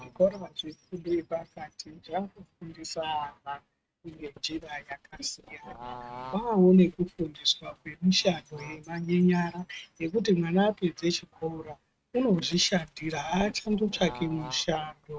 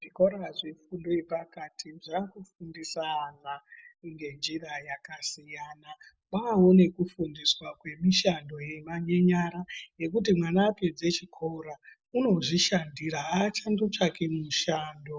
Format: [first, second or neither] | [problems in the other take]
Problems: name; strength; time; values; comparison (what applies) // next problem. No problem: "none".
second | noise reduction (neural mask model RNNoise)